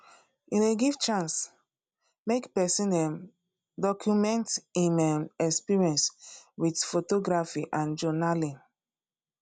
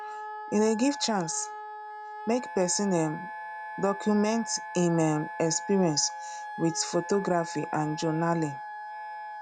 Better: first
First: none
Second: background sound (Wind instrument, woodwind instrument); 10 dB below the speech

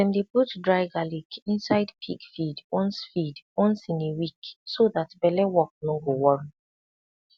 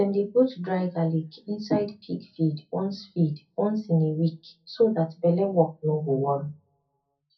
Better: first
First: none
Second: room echo; dies away in 0.3 s

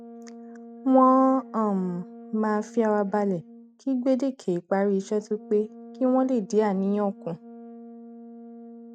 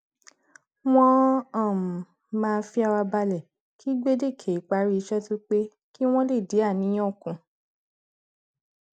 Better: second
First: noise reduction (neural mask model RNNoise)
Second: none

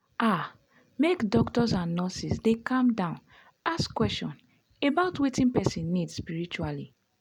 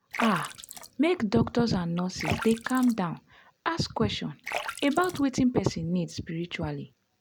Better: first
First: none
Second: background sound (Splash, splatter + Tap); 12 dB below the speech

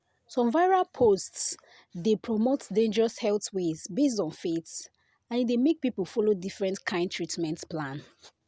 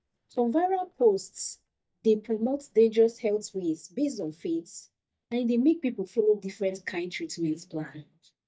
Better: first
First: none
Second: noise reduction (neural mask model DeepFilterNet 3)

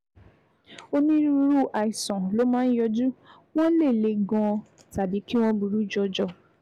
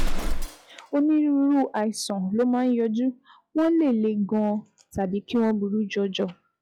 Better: first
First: none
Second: noise reduction (classical method log-MMSE)

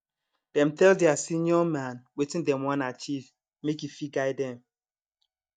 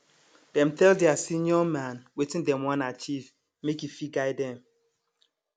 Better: second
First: noise reduction (neural mask model DeepFilterNet 3)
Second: none

